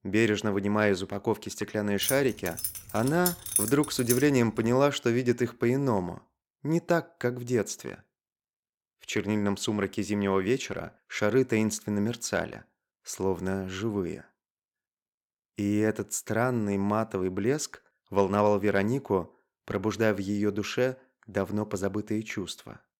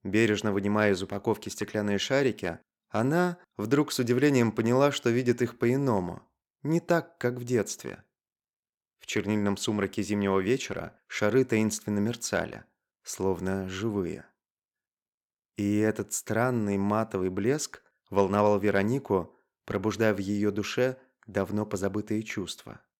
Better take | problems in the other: second | jangling keys; loud; from 2 to 4 s; peak 2 dB above the speech

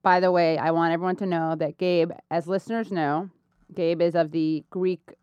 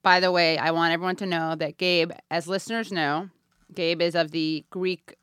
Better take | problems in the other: second | muffled; slightly; fading above 1.5 kHz

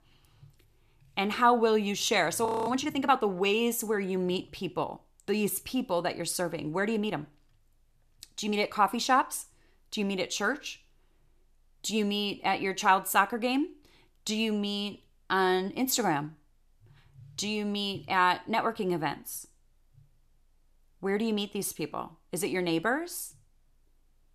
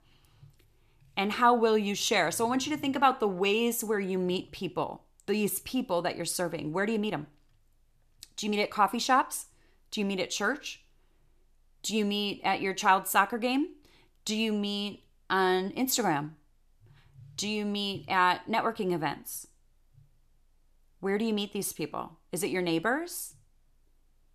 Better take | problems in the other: second | audio freezing; at 2.5 s

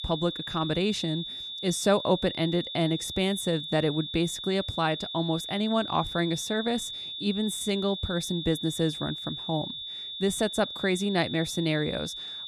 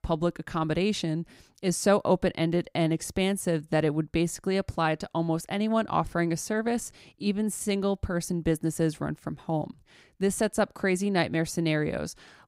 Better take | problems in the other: second | high-pitched whine; loud; throughout; 3.5 kHz, 6 dB below the speech

